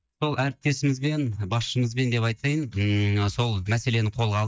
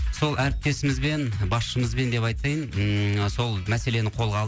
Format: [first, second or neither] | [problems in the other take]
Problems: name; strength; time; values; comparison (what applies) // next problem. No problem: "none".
second | noise reduction (neural mask model DeepFilterNet 3)